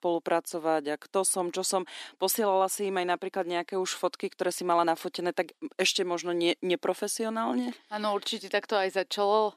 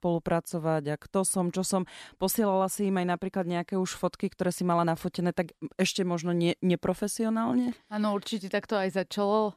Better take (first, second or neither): second